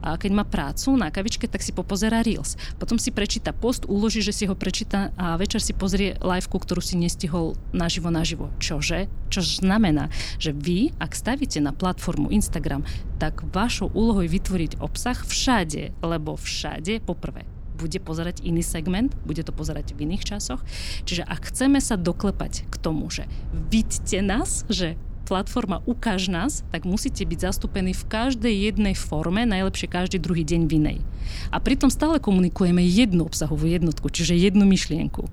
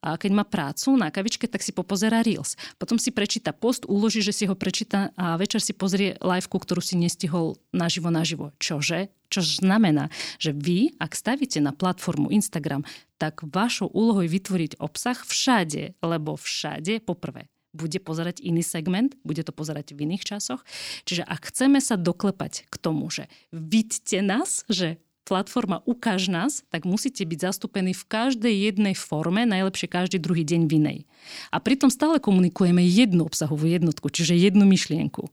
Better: second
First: low rumble; faint; throughout; 25 dB below the speech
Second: none

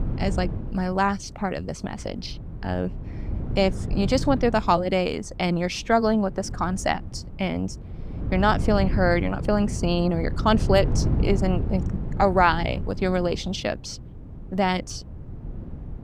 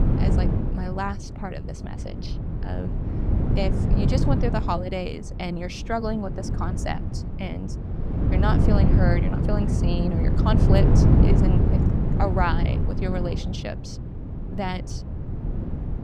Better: first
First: wind noise on the microphone; occasional gusts; 15 dB below the speech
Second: wind noise on the microphone; heavy; 2 dB below the speech

